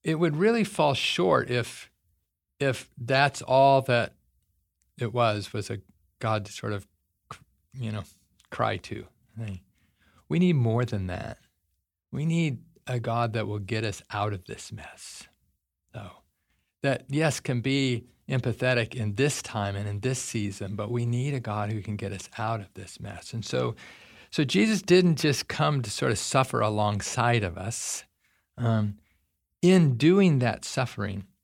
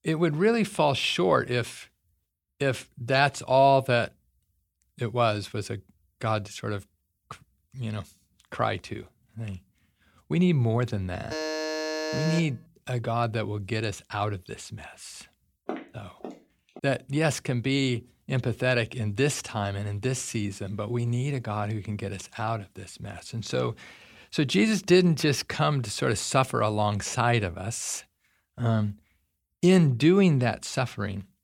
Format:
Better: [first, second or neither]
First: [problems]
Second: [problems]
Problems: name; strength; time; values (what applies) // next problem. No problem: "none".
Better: first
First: none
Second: alarm; noticeable; from 11 to 12 s; peak 4 dB below the speech // footsteps; faint; from 16 to 17 s; peak 10 dB below the speech